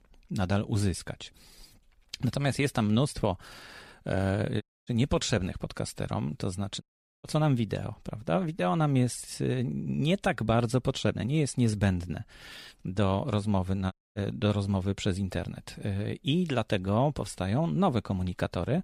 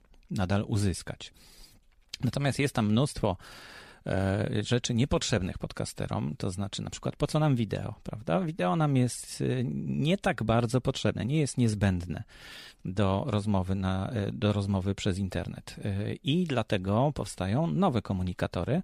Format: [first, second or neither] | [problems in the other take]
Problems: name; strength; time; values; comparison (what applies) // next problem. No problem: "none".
second | audio cutting out; at 4.5 s, at 7 s and at 14 s